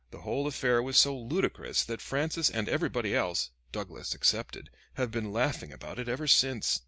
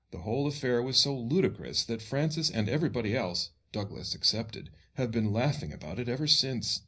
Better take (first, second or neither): first